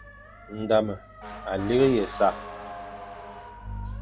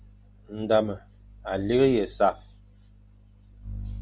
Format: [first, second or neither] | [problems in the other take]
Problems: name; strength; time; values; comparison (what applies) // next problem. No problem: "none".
second | background sound (Motor vehicle (road) / Siren); 14 dB below the speech